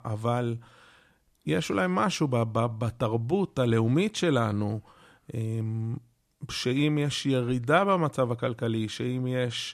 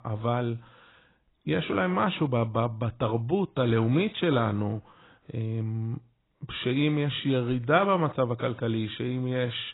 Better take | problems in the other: first | garbled, watery; badly; nothing above 4 kHz

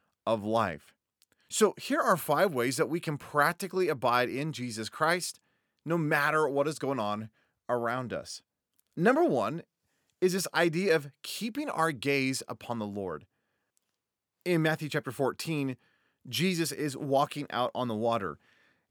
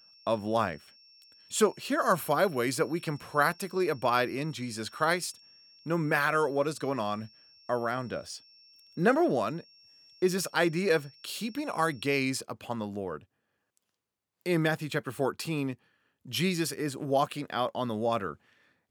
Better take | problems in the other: first | high-pitched whine; faint; until 12 s; 5.5 kHz, 25 dB below the speech

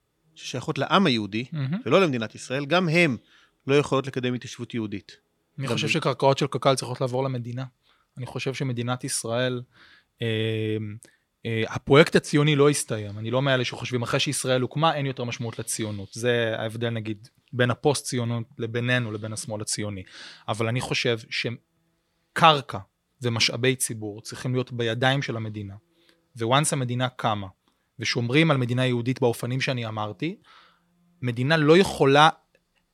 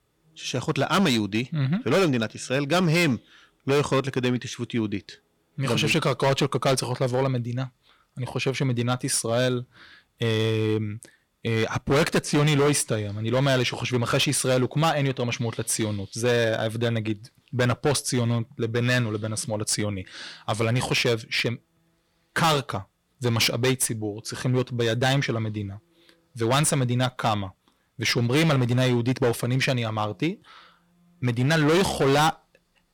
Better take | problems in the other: first | distortion; heavy; 9% of the sound clipped

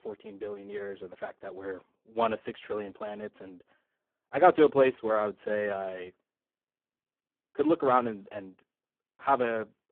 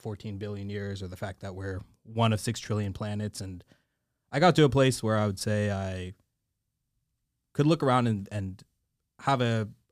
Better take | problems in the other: second | phone-call audio; poor line

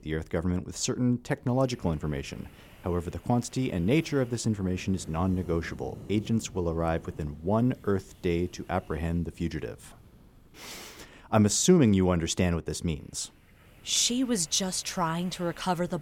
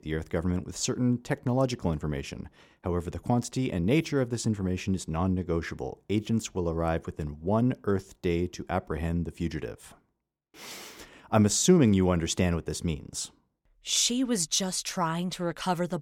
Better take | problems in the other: second | wind noise on the microphone; occasional gusts; 25 dB below the speech

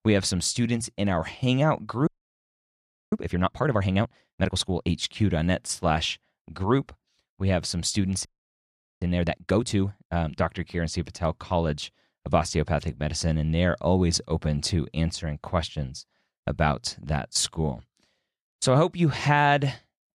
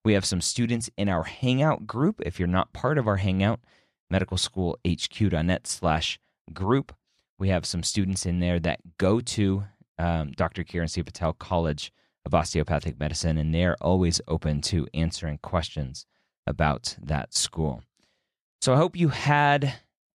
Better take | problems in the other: second | audio freezing; at 2 s for 1 s and at 8.5 s for 1 s

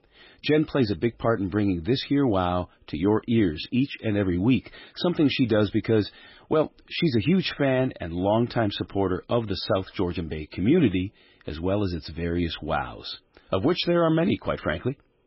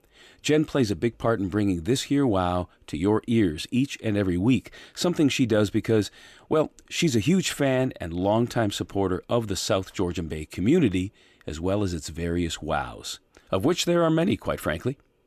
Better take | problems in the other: second | garbled, watery; badly; nothing above 5.5 kHz

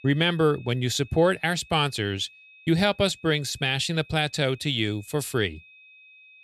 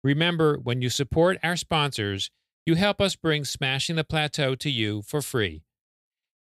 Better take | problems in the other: second | high-pitched whine; faint; throughout; 2.5 kHz, 25 dB below the speech

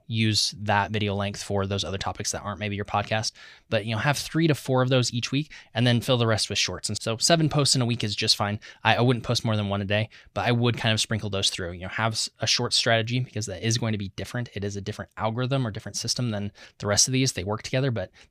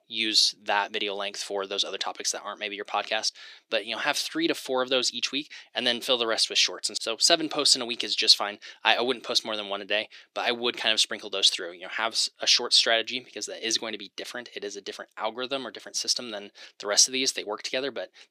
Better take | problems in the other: first | thin; somewhat; fading below 300 Hz

